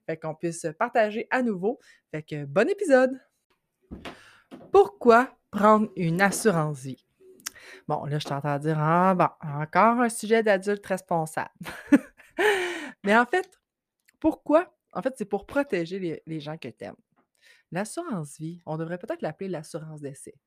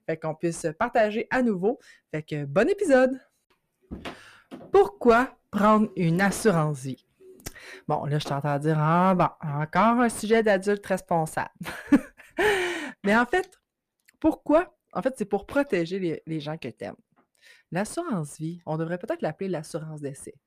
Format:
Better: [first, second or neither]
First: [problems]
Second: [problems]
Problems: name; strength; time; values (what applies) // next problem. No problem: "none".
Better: first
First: none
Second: distortion; slight; 10 dB below the speech